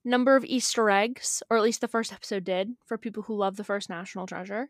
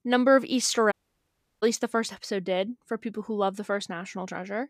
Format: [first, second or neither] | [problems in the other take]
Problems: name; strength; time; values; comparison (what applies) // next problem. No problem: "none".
first | audio cutting out; at 1 s for 0.5 s